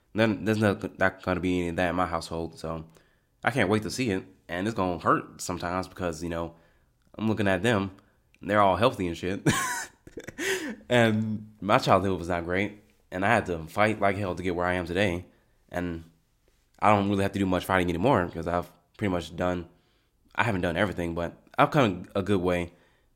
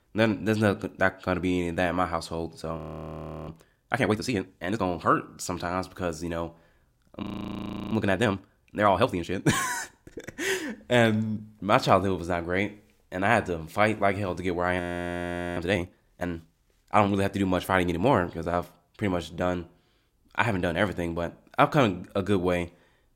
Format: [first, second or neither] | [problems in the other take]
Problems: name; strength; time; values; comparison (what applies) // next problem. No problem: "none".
first | audio freezing; at 3 s for 0.5 s, at 7 s for 0.5 s and at 15 s for 1 s